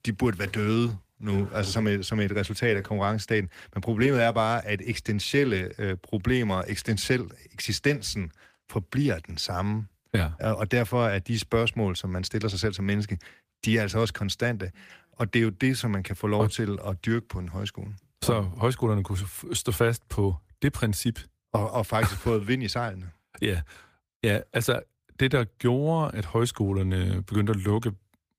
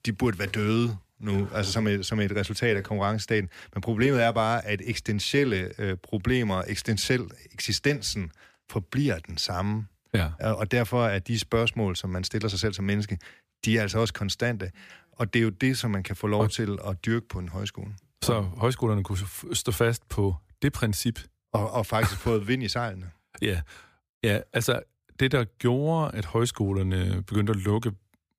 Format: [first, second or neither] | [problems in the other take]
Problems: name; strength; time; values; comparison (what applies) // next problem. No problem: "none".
second | garbled, watery; slightly; nothing above 15 kHz